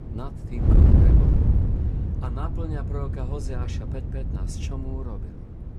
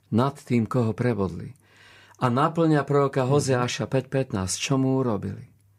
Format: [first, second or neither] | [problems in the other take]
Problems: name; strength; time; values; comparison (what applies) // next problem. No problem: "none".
second | wind noise on the microphone; heavy; 3 dB above the speech